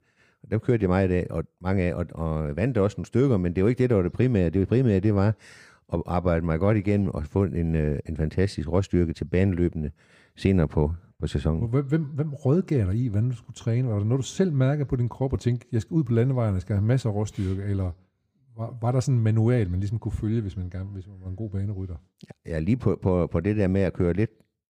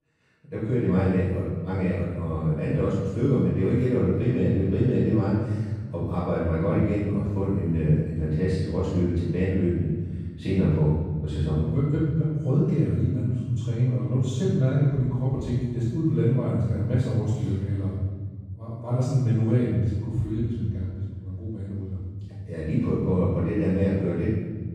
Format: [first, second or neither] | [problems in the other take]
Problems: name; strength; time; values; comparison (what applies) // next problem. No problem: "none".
first | room echo; strong; dies away in 1.6 s // off-mic speech; far